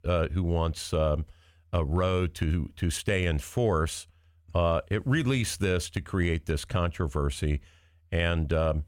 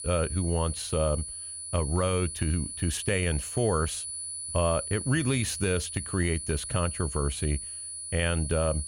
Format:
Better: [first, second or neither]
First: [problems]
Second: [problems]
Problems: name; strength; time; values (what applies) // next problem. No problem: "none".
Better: first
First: none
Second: high-pitched whine; loud; throughout; 10 kHz, 6 dB below the speech